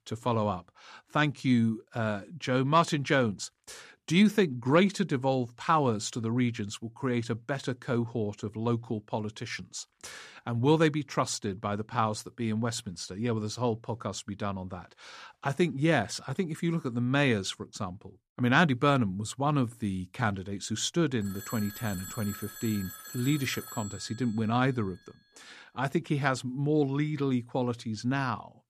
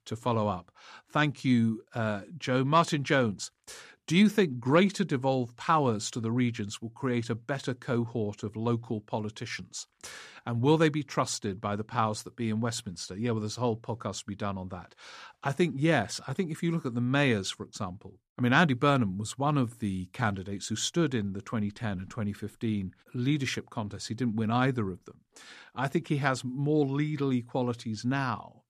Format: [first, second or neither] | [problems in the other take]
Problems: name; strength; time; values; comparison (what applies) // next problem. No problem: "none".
second | phone ringing; faint; from 21 to 25 s; peak 10 dB below the speech